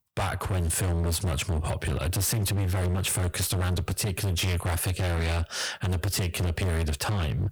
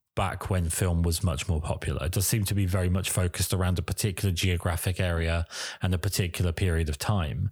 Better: second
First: distortion; heavy; 32% of the sound clipped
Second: none

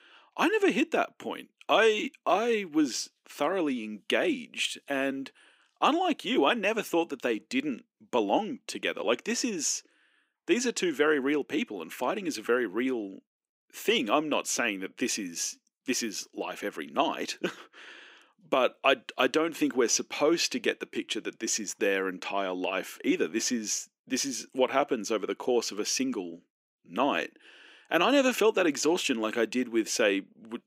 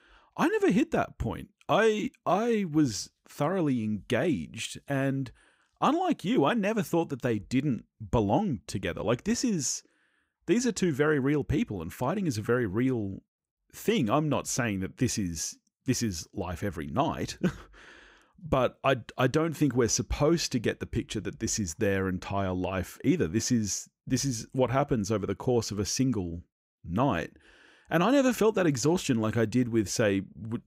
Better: second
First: thin; very slightly; fading below 250 Hz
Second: none

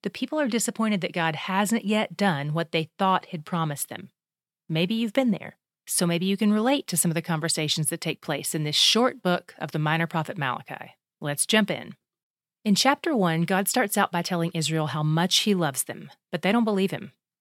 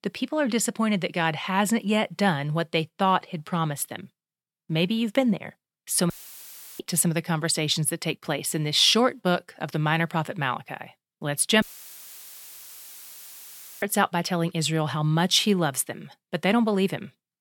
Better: first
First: none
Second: audio cutting out; filled with static; at 6 s for 0.5 s and at 12 s for 2 s

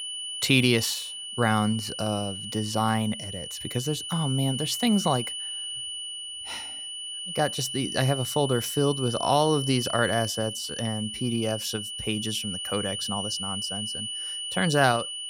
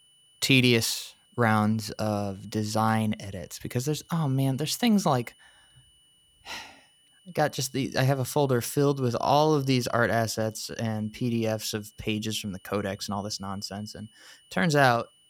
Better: second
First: high-pitched whine; loud; throughout; 3 kHz, 5 dB below the speech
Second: high-pitched whine; faint; throughout; 3 kHz, 30 dB below the speech

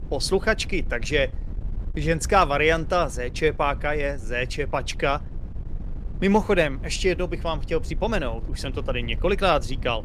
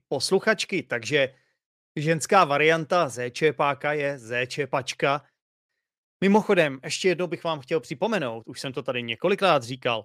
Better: second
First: wind noise on the microphone; occasional gusts; 25 dB below the speech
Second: none

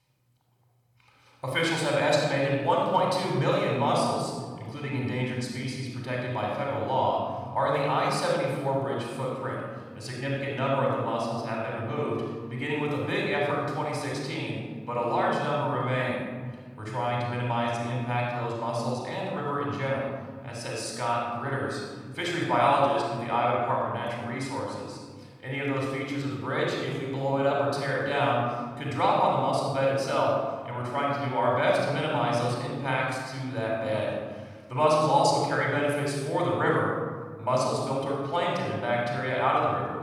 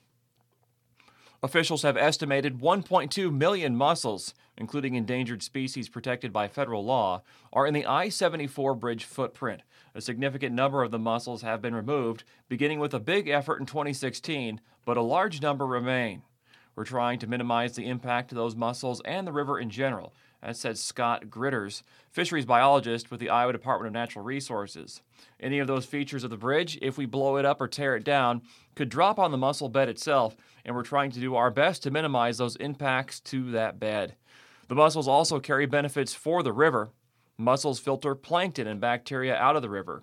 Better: second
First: off-mic speech; far // room echo; strong; dies away in 1.6 s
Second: none

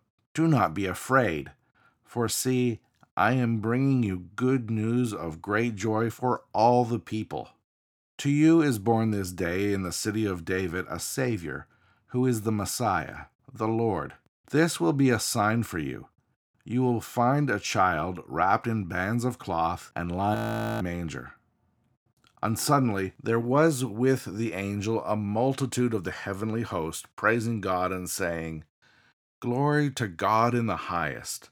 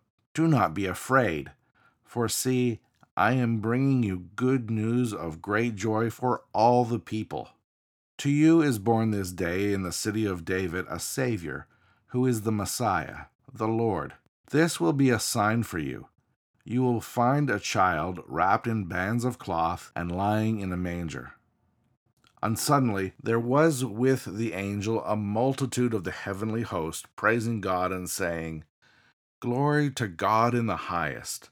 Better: second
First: audio freezing; at 20 s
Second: none

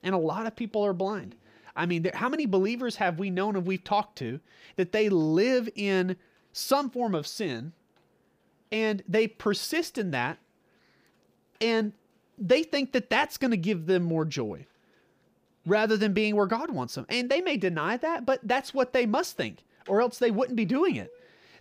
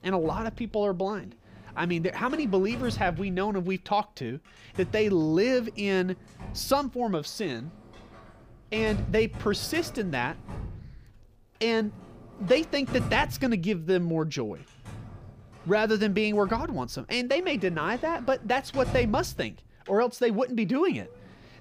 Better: first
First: none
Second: household noises; noticeable; throughout; 15 dB below the speech

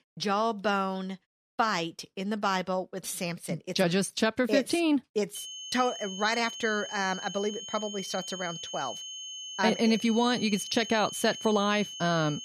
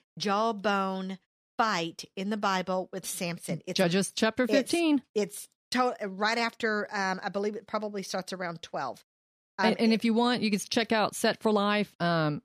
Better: second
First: high-pitched whine; loud; from 5.5 s on; 3 kHz, 9 dB below the speech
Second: none

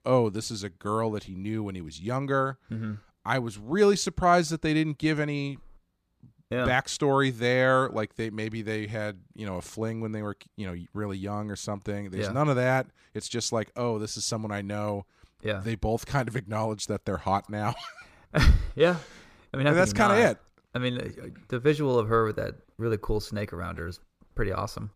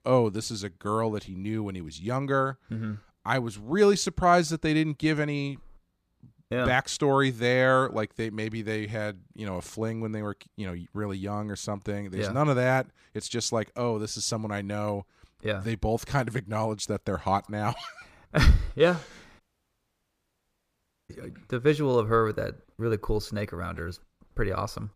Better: first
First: none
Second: audio cutting out; at 19 s for 1.5 s

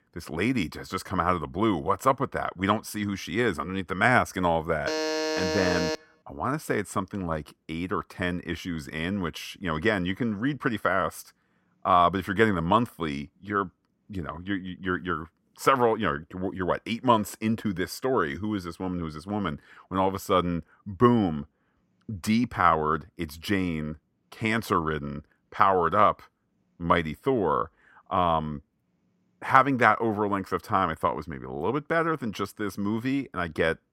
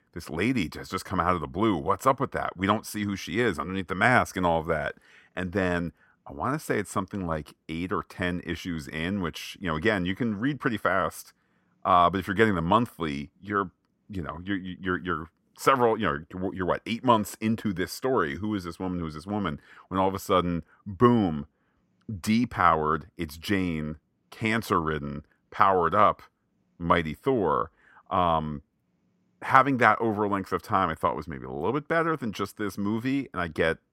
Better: second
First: alarm; noticeable; from 5 to 6 s; peak 1 dB below the speech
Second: none

